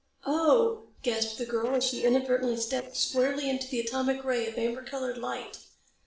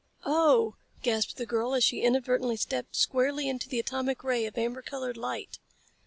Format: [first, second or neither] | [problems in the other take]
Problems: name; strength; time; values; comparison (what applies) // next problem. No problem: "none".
second | noise reduction (neural separator model SepFormer DNS4)